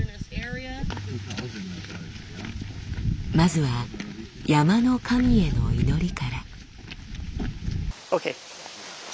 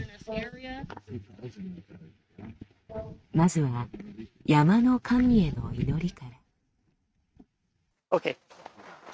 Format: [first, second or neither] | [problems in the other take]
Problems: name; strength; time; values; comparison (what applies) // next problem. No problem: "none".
first | noise reduction (neural mask model RNNoise)